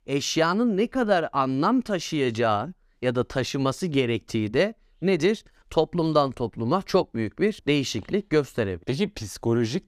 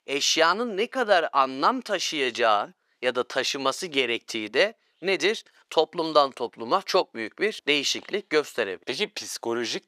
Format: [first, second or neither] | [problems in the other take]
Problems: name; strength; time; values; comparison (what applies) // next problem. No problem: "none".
first | thin; somewhat; fading below 500 Hz